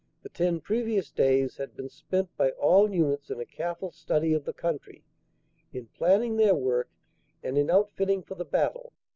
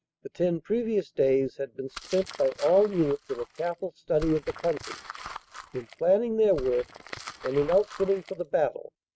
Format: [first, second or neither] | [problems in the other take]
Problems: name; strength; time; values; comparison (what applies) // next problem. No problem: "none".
first | noise reduction (neural mask model RNNoise)